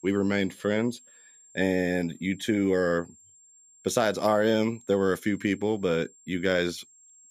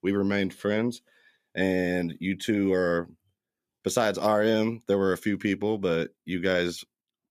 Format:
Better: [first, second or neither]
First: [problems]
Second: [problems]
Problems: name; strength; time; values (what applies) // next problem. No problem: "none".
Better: second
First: high-pitched whine; faint; throughout; 7.5 kHz, 25 dB below the speech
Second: none